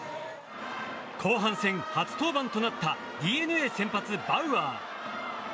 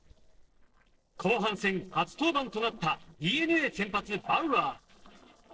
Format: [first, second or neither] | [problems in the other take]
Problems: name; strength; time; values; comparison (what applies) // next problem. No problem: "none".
first | noise reduction (neural separator model SepFormer DNS4)